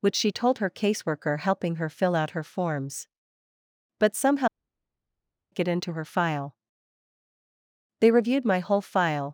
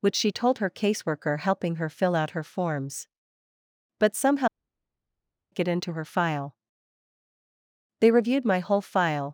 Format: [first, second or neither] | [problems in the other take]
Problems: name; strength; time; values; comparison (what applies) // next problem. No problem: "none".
neither | audio cutting out; at 4.5 s for 1 s; the same in both